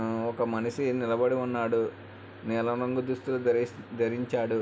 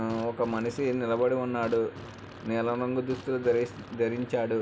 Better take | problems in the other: first | background sound (Fart); 19 dB below the speech

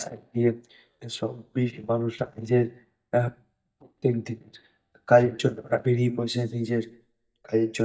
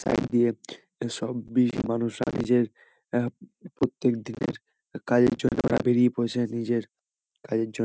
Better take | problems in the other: second | noise reduction (neural mask model DeepFilterNet 3)

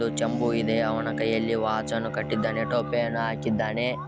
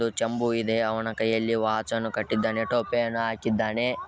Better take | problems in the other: second | background sound (Bowed string instrument); 5 dB below the speech

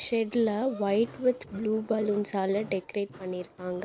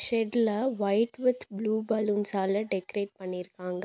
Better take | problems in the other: second | background sound (Breathing + Walk, footsteps); 20 dB below the speech

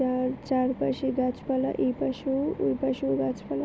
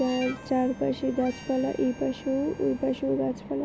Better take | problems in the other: first | background sound (Harmonica); 19 dB below the speech

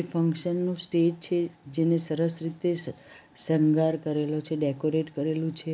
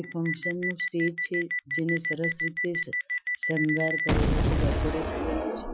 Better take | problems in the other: first | noise reduction (classical method Wiener filter)

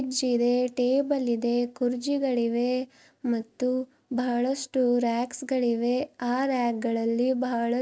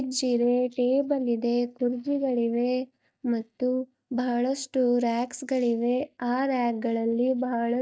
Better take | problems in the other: first | noise reduction (neural mask model DeepFilterNet 3)

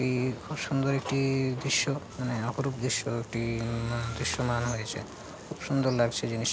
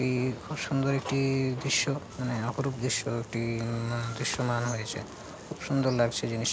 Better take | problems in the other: second | background sound (Musical instrument); 14 dB below the speech

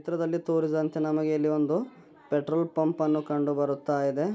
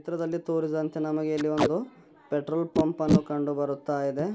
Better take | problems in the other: first | background sound (Packing tape, duct tape); 4 dB below the speech

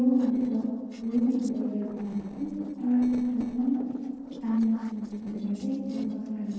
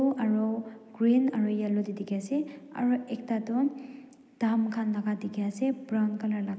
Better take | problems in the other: second | noise reduction (neural separator model SepFormer DNS4)

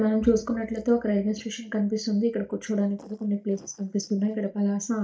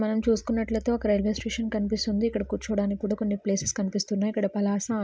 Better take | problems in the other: second | noise reduction (neural mask model DeepFilterNet 3)

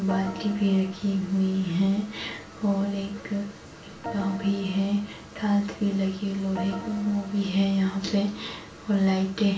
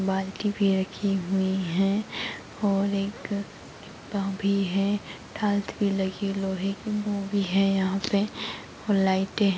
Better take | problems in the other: second | background sound (Organ); 13 dB below the speech // room echo; dies away in 0.3 s

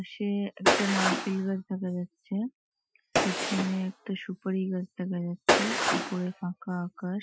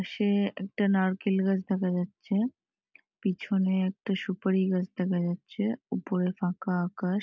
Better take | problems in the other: second | noise reduction (classical method Wiener filter)

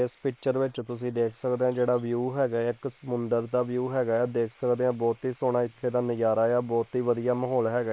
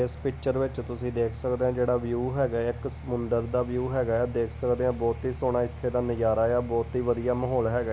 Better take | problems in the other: second | noise reduction (neural separator model SepFormer WHAM!)

